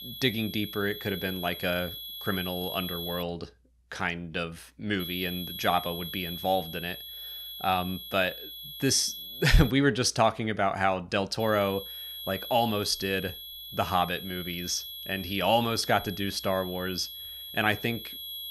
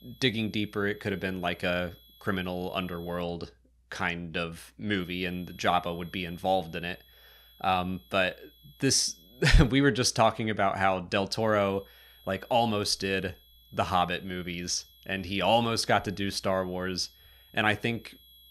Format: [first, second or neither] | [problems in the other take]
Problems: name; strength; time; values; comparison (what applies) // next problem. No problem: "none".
second | high-pitched whine; loud; until 3 s, from 5 to 9.5 s and from 11 s on; 3.5 kHz, 9 dB below the speech; faint in the second